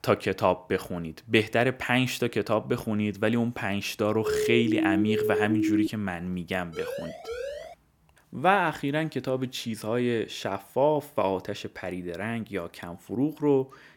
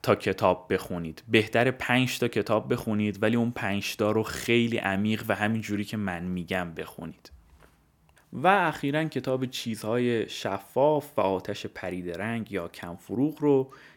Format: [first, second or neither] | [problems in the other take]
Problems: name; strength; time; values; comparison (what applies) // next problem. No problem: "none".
second | siren; loud; from 4 to 6 s; peak 2 dB above the speech // siren; noticeable; from 6.5 to 7.5 s; peak 8 dB below the speech